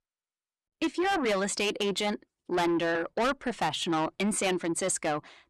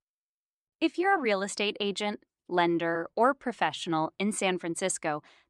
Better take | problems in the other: second | distortion; heavy; 7 dB below the speech

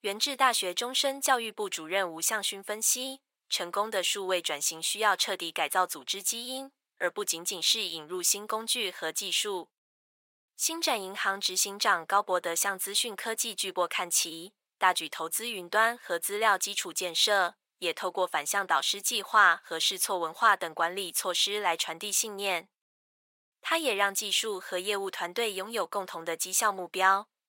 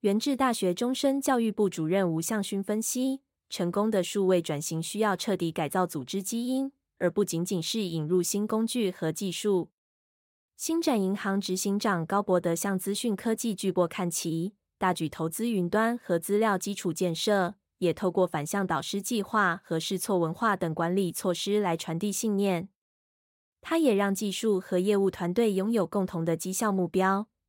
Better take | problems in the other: second | thin; very; fading below 900 Hz

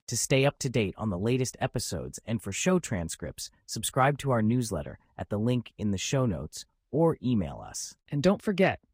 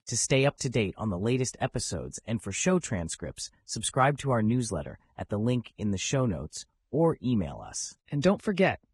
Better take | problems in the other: first | garbled, watery; badly; nothing above 10 kHz; slightly in the first

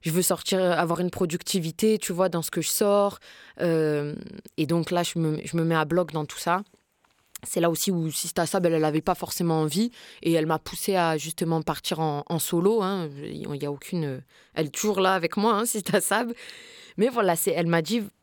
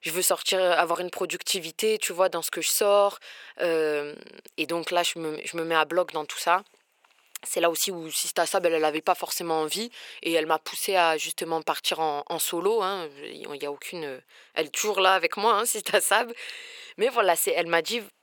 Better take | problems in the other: first | thin; very; fading below 550 Hz

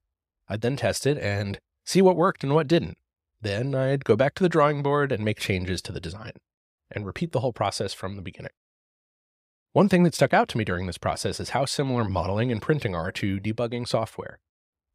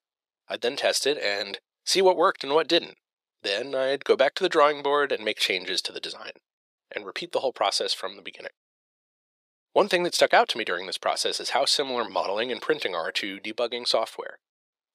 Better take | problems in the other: first | thin; very; fading below 400 Hz

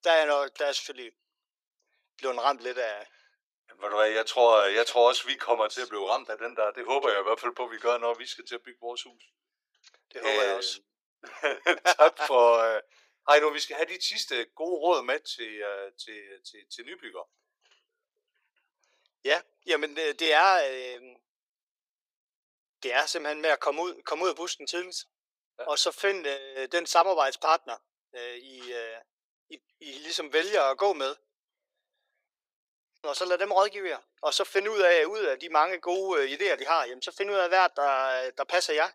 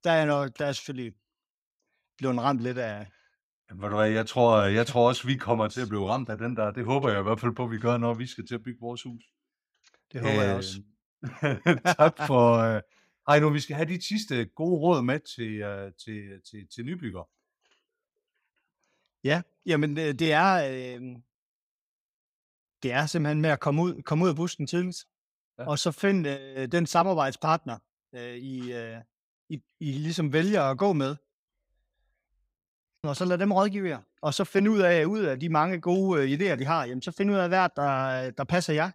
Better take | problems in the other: second | thin; very; fading below 400 Hz

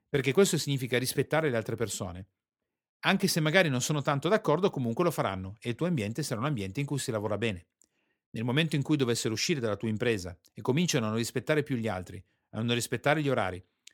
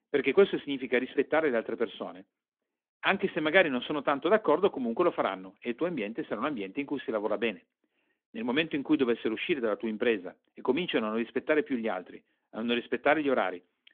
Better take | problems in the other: first | phone-call audio; nothing above 3.5 kHz

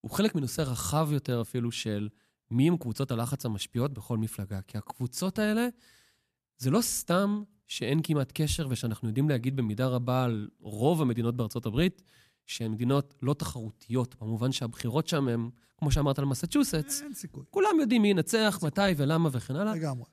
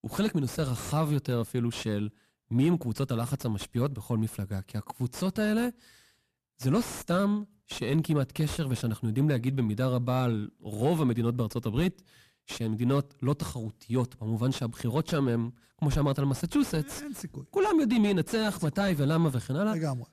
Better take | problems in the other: first | distortion; slight; 10 dB below the speech

